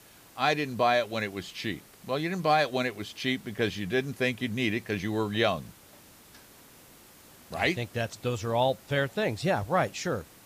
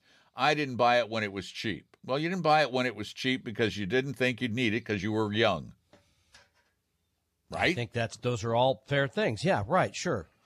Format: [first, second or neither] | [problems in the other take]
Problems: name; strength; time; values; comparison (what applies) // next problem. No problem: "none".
second | hiss; faint; throughout; 25 dB below the speech